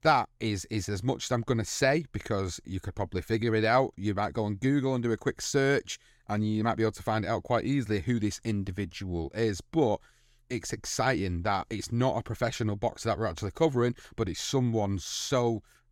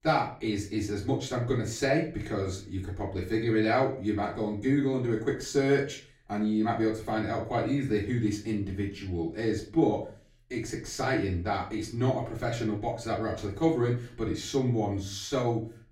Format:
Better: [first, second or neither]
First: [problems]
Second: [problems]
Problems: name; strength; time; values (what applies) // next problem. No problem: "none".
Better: first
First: none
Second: off-mic speech; far // room echo; slight; dies away in 0.3 s